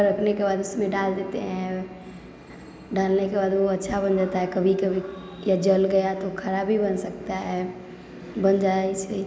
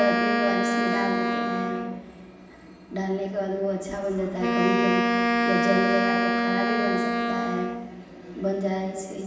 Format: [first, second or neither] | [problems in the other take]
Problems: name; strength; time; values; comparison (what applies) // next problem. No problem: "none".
first | background sound (Wind instrument, woodwind instrument); 2 dB above the speech // room echo; dies away in 2.4 s